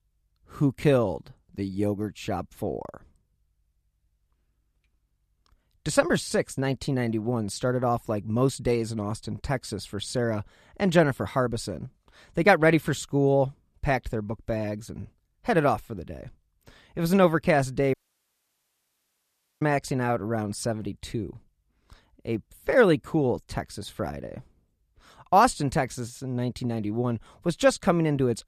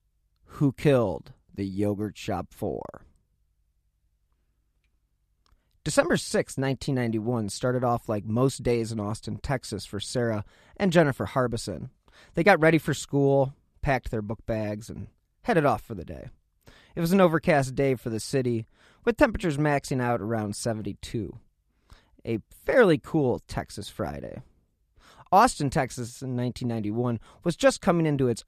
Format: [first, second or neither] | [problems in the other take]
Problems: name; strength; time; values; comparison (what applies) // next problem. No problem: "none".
second | audio cutting out; at 18 s for 1.5 s